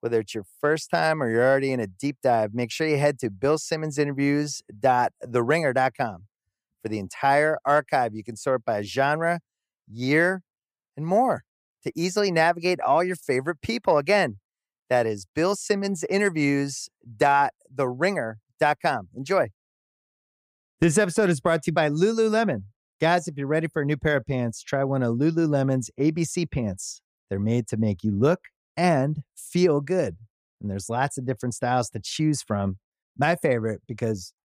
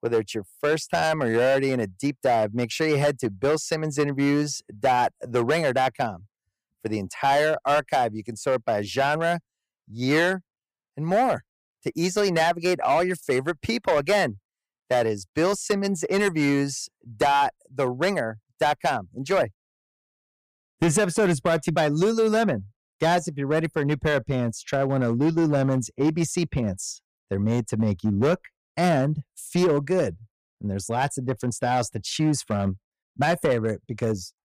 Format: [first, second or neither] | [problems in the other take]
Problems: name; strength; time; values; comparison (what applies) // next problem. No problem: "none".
first | distortion; slight; 6% of the sound clipped